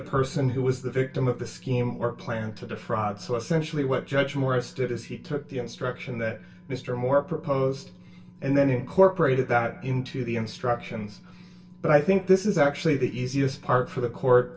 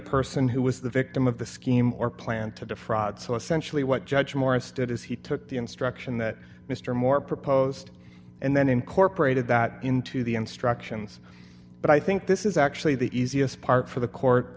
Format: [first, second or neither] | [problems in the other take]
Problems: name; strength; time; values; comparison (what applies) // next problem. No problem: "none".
second | room echo; dies away in 0.2 s